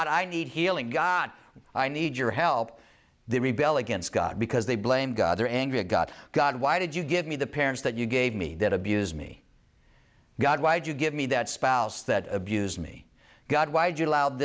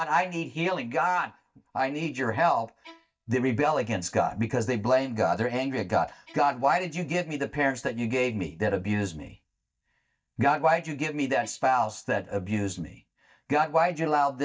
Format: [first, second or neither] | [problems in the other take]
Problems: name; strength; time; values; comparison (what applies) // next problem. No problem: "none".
first | noise reduction (neural mask model DeepFilterNet 3)